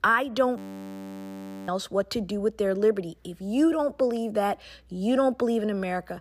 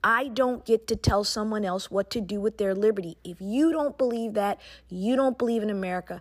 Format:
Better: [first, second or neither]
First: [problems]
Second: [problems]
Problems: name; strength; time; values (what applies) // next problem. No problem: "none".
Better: second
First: audio freezing; at 0.5 s for 1 s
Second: none